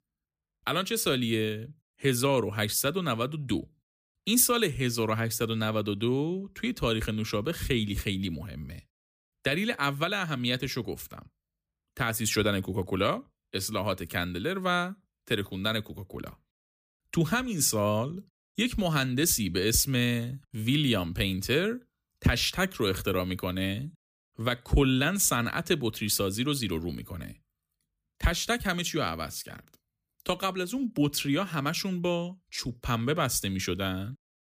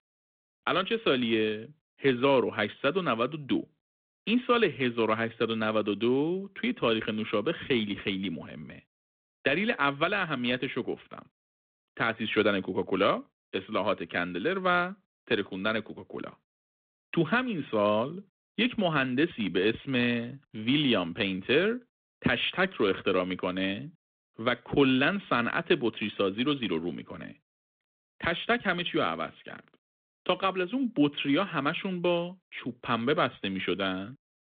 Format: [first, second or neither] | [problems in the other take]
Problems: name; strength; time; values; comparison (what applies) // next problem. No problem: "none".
first | phone-call audio